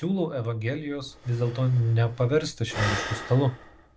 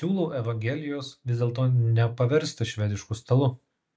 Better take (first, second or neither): second